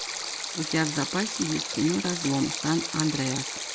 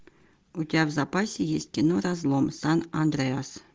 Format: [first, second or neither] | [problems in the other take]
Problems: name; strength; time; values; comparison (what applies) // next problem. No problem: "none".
second | background sound (Stream); 4 dB below the speech